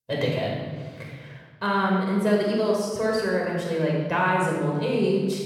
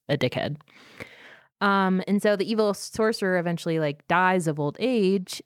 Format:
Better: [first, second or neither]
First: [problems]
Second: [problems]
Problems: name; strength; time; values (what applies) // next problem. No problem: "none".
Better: second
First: room echo; strong; dies away in 1.5 s // off-mic speech; far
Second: none